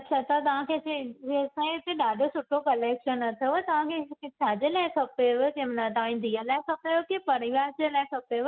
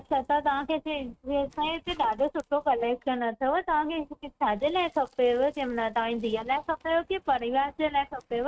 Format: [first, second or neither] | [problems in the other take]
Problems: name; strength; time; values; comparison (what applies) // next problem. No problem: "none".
first | noise reduction (neural mask model RNNoise)